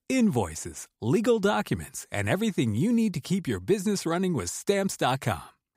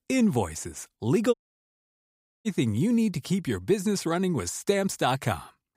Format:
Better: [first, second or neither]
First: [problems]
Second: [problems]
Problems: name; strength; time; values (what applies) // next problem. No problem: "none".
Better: first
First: none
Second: audio cutting out; at 1.5 s for 1 s